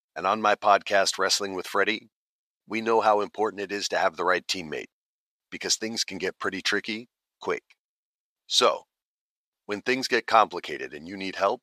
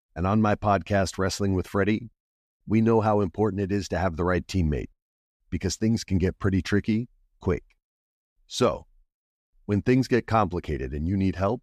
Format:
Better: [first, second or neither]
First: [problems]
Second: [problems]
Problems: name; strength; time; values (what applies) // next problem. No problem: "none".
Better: second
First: thin; very; fading below 600 Hz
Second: none